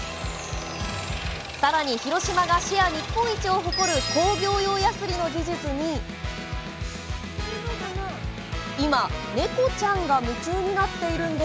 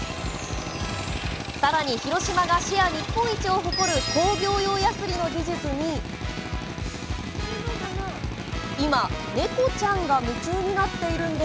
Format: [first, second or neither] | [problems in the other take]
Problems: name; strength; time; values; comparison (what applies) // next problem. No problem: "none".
first | background sound (Drill); 11 dB below the speech